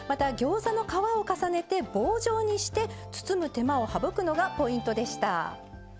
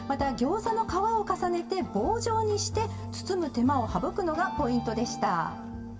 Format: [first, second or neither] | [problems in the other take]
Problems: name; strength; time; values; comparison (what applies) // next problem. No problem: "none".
first | background sound (Brass instrument); 15 dB below the speech // room echo; dies away in 2.7 s